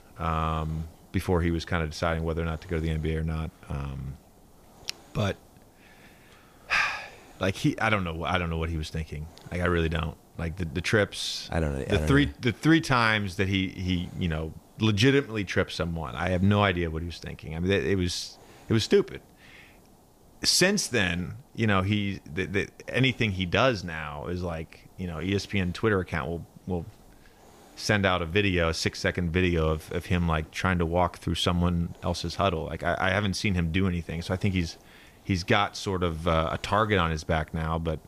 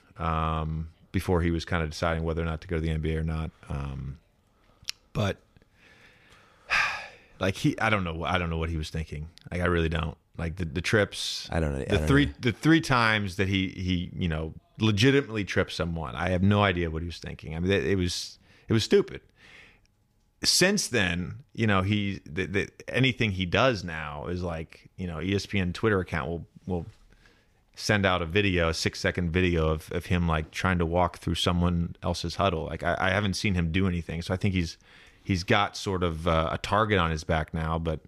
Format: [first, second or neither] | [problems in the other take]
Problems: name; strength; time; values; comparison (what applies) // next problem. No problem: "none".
second | hiss; faint; throughout; 30 dB below the speech